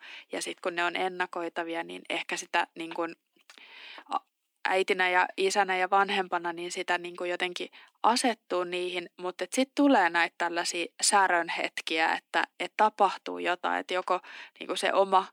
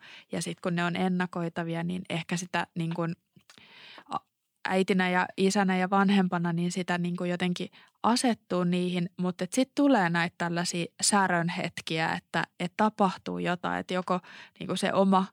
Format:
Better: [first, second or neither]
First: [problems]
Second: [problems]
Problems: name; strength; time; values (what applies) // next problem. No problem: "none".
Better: second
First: thin; somewhat; fading below 300 Hz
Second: none